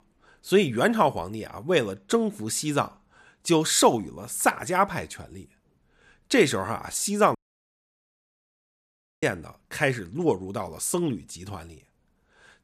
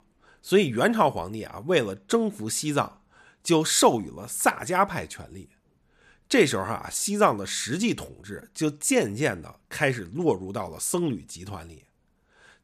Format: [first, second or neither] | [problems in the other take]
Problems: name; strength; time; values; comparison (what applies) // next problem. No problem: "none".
second | audio cutting out; at 7.5 s for 2 s